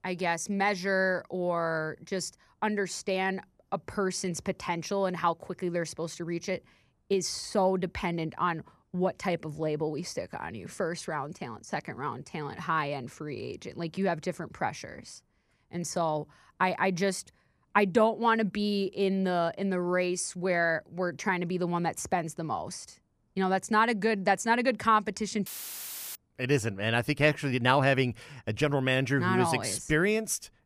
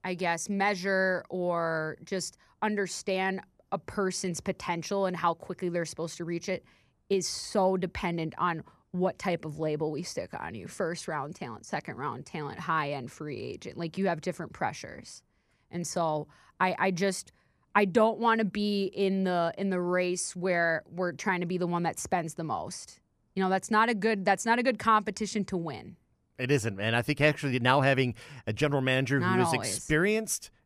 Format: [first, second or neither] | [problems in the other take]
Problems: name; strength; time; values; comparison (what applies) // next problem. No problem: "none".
second | audio cutting out; filled with static; at 25 s for 0.5 s